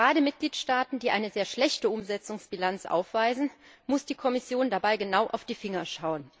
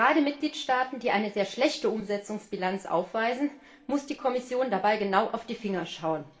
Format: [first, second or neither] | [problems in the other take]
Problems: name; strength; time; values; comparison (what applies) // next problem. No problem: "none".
first | room echo; dies away in 0.8 s